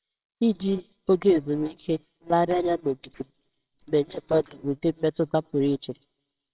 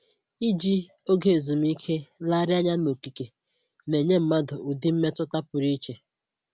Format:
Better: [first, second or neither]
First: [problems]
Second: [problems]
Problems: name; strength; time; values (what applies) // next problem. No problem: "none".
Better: second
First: noise reduction (neural separator model SepFormer WHAMR!)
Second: none